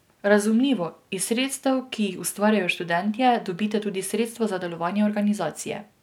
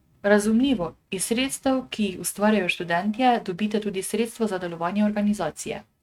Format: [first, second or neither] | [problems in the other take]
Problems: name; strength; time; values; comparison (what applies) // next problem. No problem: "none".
first | noise reduction (neural mask model RNNoise)